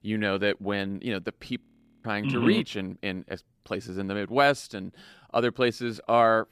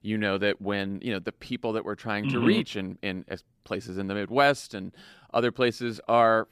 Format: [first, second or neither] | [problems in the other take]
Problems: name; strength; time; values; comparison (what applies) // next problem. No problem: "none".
second | audio freezing; at 1.5 s